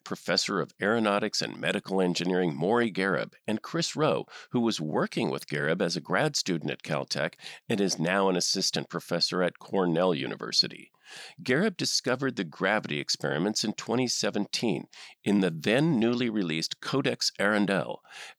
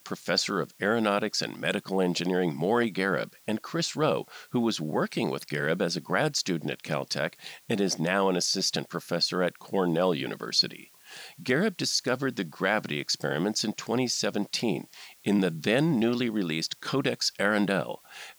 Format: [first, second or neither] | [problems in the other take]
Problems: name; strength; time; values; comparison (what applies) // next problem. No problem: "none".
first | hiss; faint; throughout; 25 dB below the speech